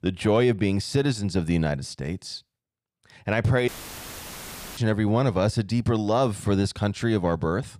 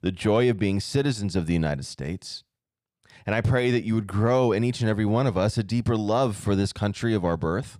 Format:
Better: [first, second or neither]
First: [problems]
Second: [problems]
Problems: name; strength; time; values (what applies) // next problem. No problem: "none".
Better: second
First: audio cutting out; filled with static; at 3.5 s for 1 s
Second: none